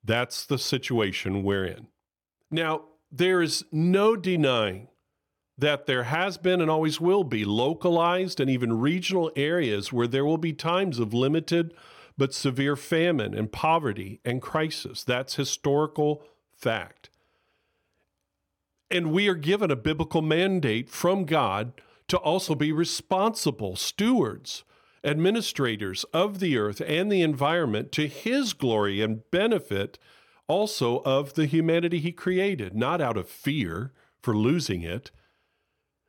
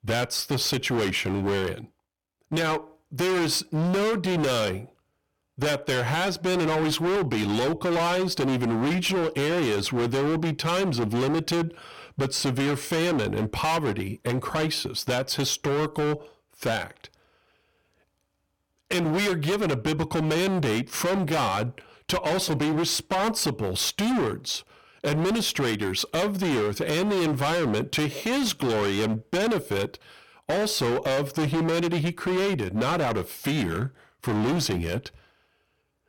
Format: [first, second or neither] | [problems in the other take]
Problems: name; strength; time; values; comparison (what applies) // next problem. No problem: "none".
first | distortion; heavy; 28% of the sound clipped